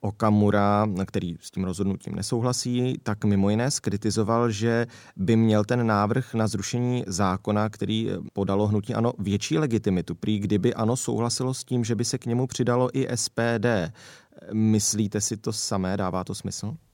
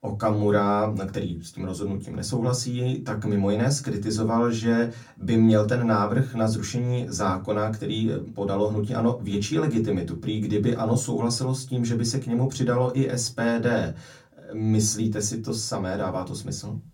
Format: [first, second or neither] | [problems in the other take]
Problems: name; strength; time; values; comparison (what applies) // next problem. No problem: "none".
first | off-mic speech; far // room echo; very slight; dies away in 0.2 s